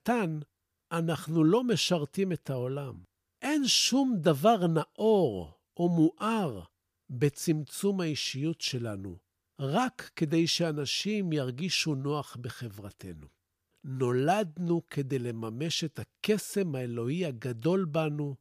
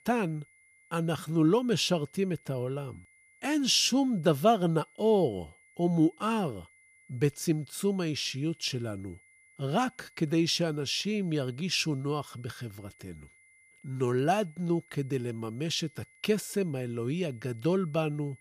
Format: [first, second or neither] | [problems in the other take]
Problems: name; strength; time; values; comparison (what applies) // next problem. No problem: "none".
first | high-pitched whine; faint; throughout; 2 kHz, 30 dB below the speech